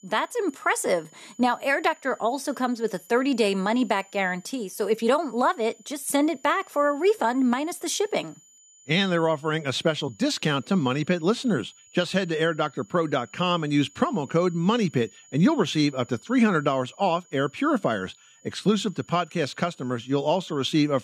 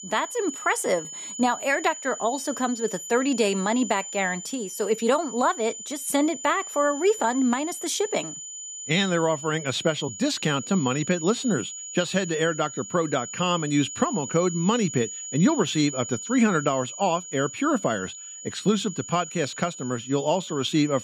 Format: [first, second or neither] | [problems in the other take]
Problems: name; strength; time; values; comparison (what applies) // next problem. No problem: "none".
first | high-pitched whine; loud; throughout; 7 kHz, 10 dB below the speech; faint in the first